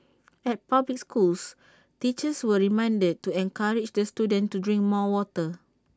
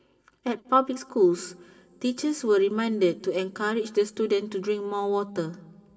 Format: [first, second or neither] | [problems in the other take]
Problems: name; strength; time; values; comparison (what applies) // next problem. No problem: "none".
first | room echo; dies away in 1.4 s